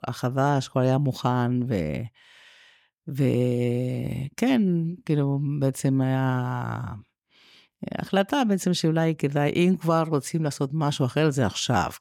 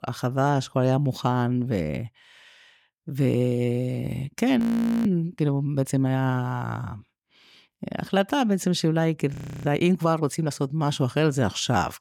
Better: first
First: none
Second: audio freezing; at 4.5 s and at 9.5 s

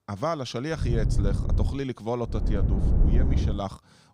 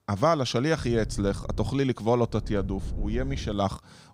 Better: second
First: low rumble; loud; at 1 s and from 2.5 to 3.5 s; 6 dB below the speech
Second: low rumble; faint; at 1 s and from 2.5 to 3.5 s; 20 dB below the speech

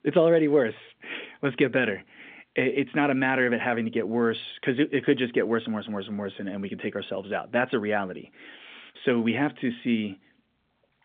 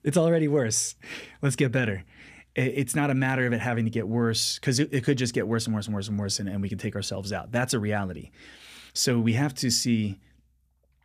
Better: second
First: phone-call audio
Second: none

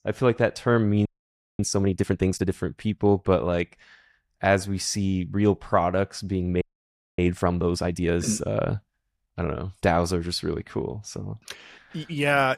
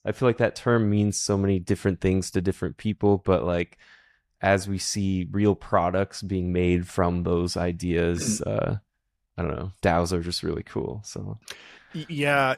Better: second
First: audio freezing; at 1 s for 0.5 s and at 6.5 s for 0.5 s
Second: none

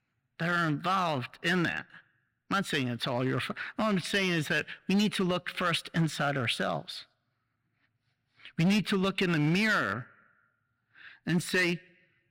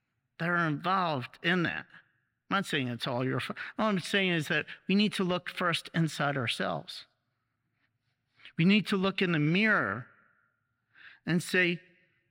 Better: second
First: distortion; slight; 4% of the sound clipped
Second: none

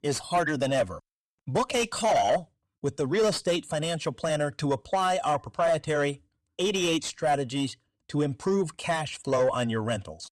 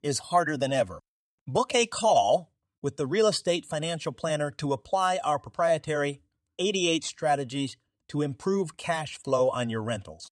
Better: second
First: distortion; slight; 10 dB below the speech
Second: none

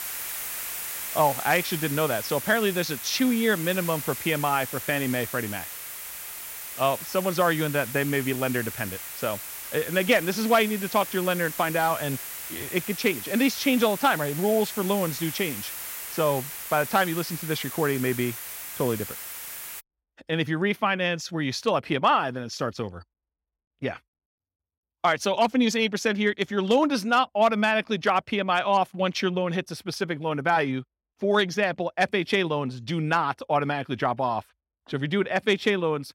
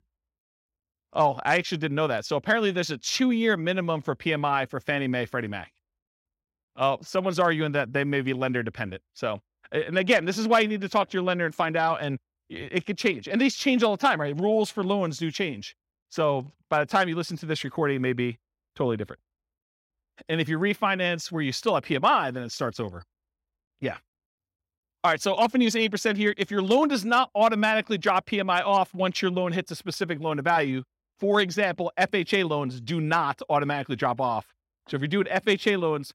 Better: second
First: hiss; loud; until 20 s; 8 dB below the speech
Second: none

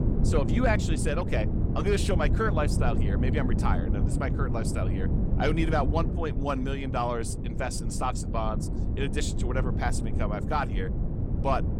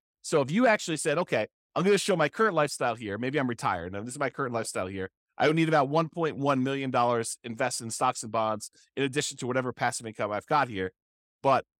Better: second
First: wind noise on the microphone; heavy; 8 dB below the speech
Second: none

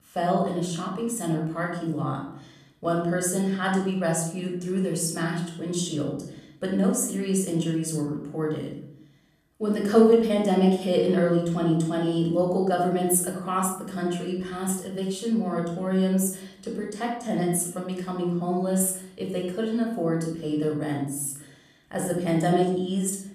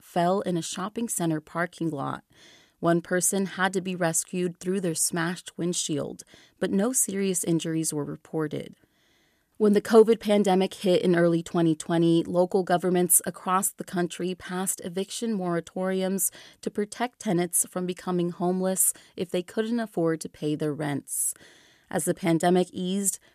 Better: second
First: off-mic speech; somewhat distant // room echo; noticeable; dies away in 0.7 s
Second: none

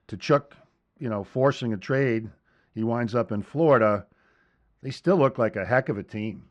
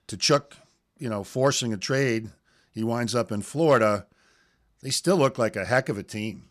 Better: second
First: muffled; very; fading above 2 kHz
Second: none

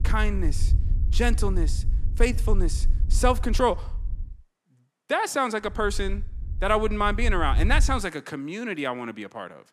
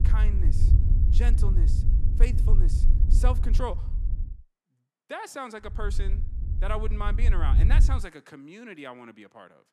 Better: first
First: low rumble; faint; until 4.5 s and from 5.5 to 8 s; 20 dB below the speech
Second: low rumble; loud; until 4.5 s and from 5.5 to 8 s; 7 dB below the speech

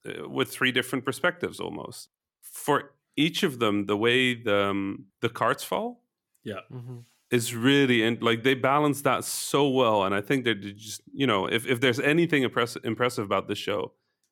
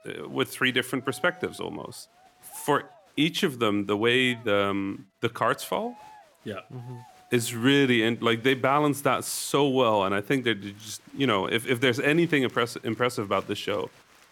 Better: first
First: none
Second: crowd noise; faint; throughout; 30 dB below the speech

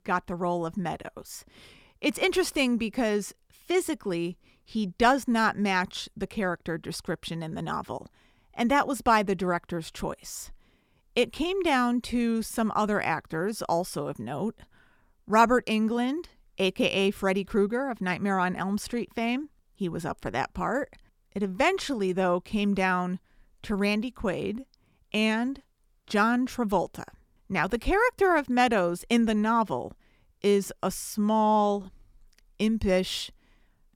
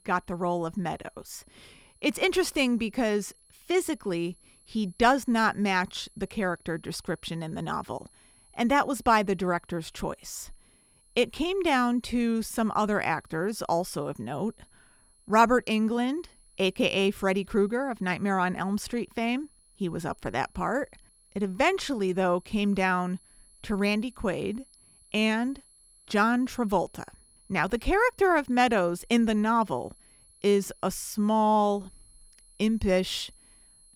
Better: first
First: none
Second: high-pitched whine; faint; throughout; 11 kHz, 30 dB below the speech

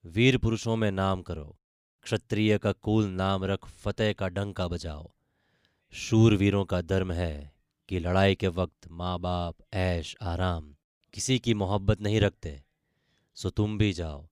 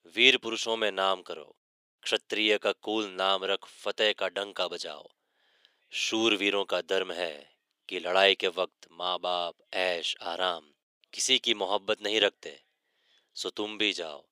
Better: first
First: none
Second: thin; very; fading below 400 Hz

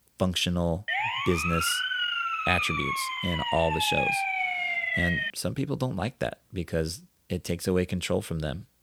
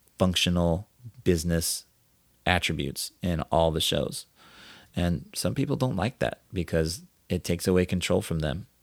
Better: second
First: siren; loud; from 1 to 5.5 s; peak 4 dB above the speech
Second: none

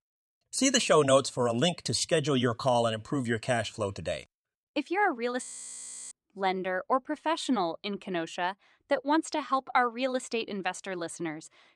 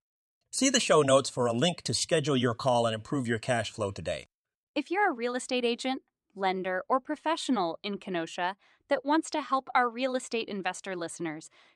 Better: second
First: audio freezing; at 5.5 s for 0.5 s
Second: none

